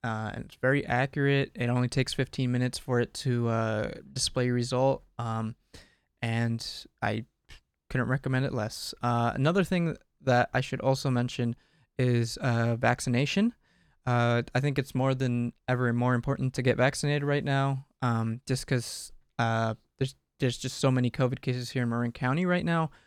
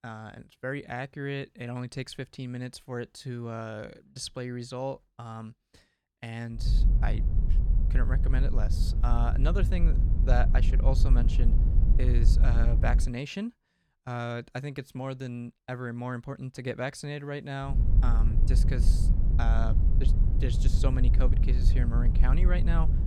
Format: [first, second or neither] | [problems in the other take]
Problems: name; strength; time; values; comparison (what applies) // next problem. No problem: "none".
first | low rumble; loud; from 6.5 to 13 s and from 18 s on; 6 dB below the speech